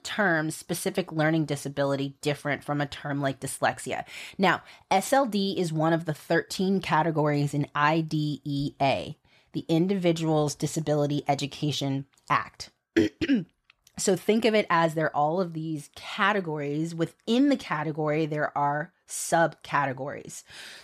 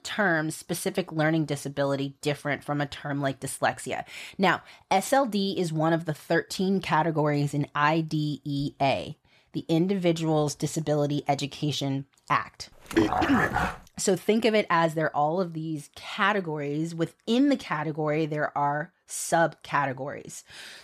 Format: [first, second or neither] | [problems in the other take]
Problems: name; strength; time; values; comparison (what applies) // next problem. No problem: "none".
first | dog barking; loud; at 13 s; peak 1 dB above the speech